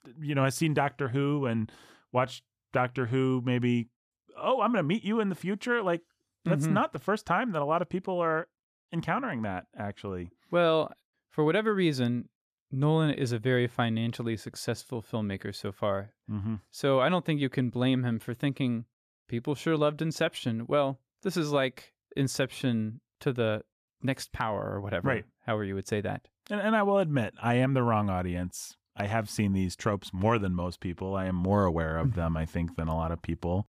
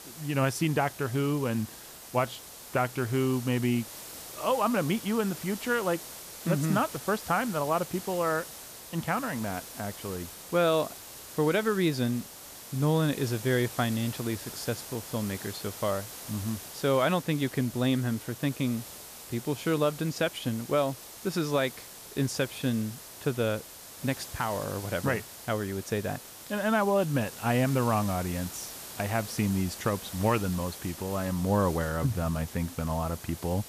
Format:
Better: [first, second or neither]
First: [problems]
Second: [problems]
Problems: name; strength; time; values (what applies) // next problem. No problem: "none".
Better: first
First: none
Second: hiss; noticeable; throughout; 10 dB below the speech